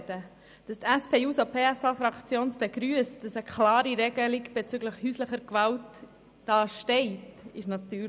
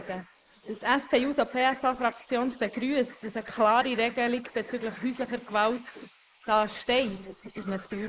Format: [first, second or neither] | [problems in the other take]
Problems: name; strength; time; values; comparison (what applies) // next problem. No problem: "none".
first | noise reduction (neural mask model Resemble Enhance denoiser)